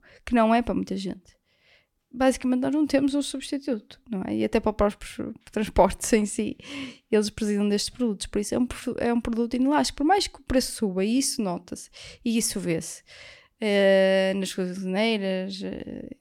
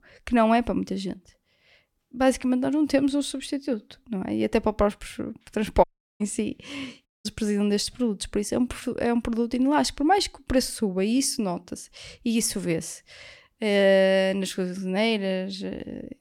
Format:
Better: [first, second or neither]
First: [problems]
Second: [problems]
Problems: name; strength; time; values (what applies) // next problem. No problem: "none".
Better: first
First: none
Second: audio cutting out; at 6 s and at 7 s